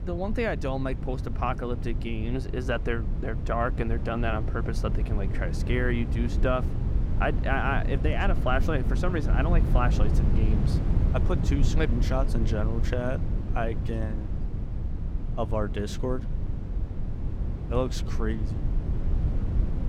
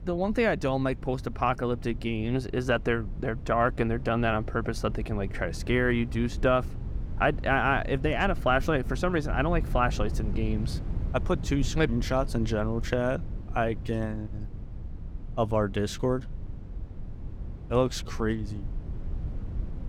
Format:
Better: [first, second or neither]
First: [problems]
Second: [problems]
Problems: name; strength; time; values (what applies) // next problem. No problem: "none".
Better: second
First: low rumble; loud; throughout; 10 dB below the speech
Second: low rumble; faint; throughout; 20 dB below the speech